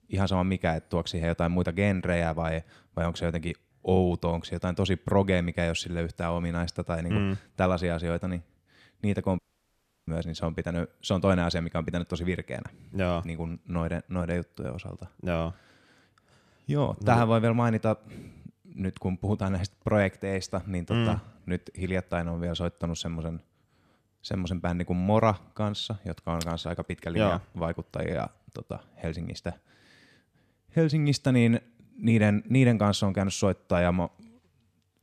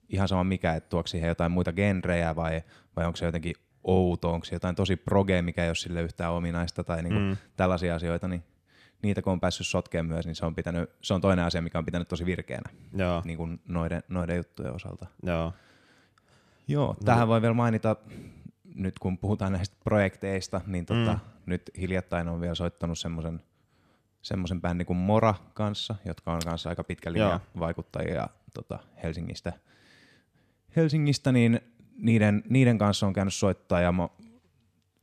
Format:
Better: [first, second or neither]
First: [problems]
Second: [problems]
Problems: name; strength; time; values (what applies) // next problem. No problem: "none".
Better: second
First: audio cutting out; at 9.5 s for 0.5 s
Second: none